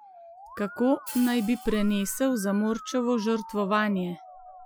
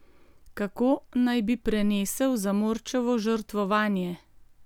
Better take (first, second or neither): second